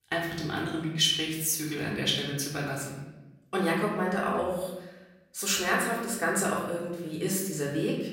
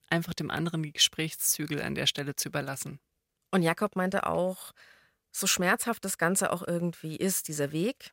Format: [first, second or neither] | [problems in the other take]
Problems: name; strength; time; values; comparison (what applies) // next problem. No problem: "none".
second | off-mic speech; far // room echo; noticeable; dies away in 0.9 s